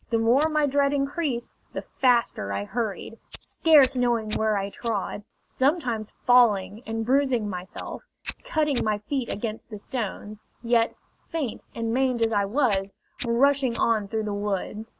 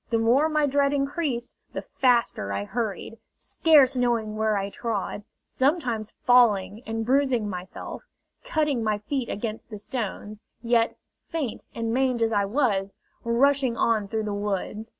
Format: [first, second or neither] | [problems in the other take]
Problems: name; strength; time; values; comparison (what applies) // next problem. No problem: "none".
second | noise reduction (neural mask model Resemble Enhance denoiser)